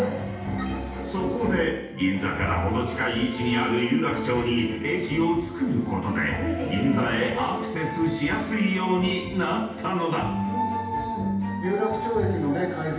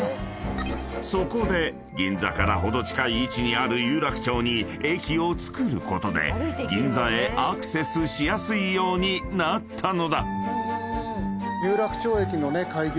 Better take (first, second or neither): second